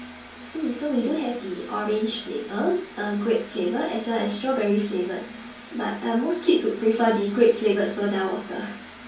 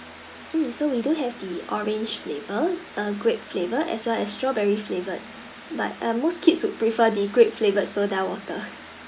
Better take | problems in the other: second | room echo; dies away in 0.3 s

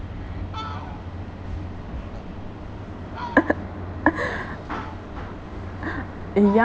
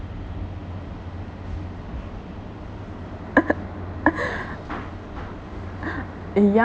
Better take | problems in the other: second | background sound (Fowl); 15 dB below the speech

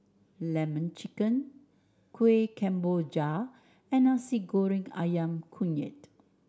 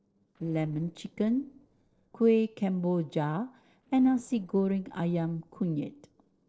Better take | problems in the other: first | noise reduction (neural separator model SepFormer DNS4)

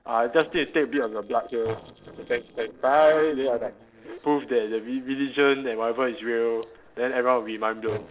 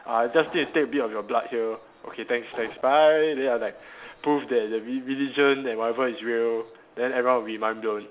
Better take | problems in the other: second | noise reduction (neural separator model SepFormer DNS4)

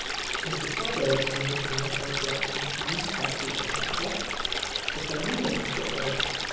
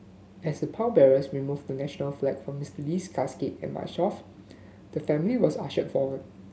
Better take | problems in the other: second | background sound (Stream); 3 dB above the speech // room echo; dies away in 1 s

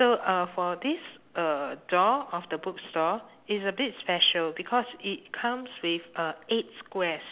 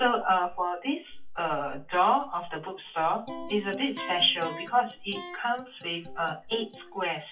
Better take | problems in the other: first | noise reduction (classical method WPE with log-MMSE)

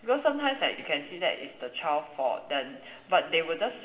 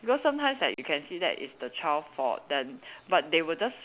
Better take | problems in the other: second | room echo; dies away in 1.1 s

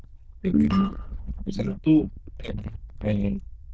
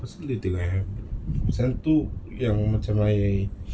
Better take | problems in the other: second | noise reduction (neural diffusion model UNIVERSE++)

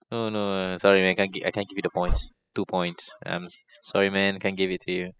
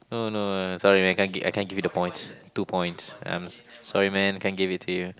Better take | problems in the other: second | noise reduction (classical method spectral subtraction)

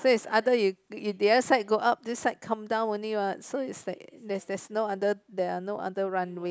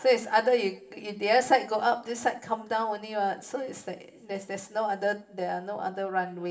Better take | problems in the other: first | room echo; dies away in 0.7 s

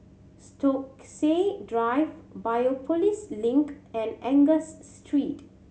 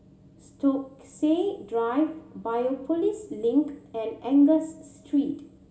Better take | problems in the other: first | room echo; dies away in 2 s

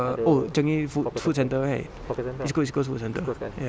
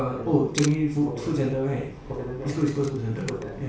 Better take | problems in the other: first | background sound (Camera); 18 dB below the speech // room echo; dies away in 0.4 s

